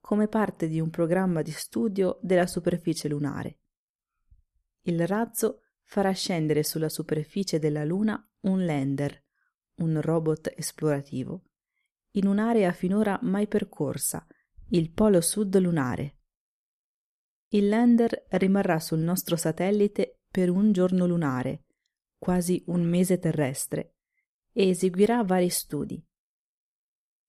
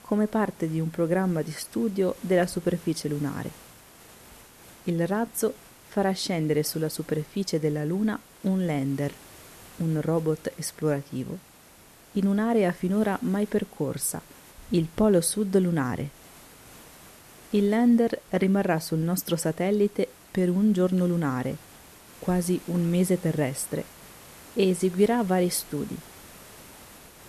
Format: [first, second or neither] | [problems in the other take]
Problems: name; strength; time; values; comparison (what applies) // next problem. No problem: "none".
first | hiss; faint; throughout; 20 dB below the speech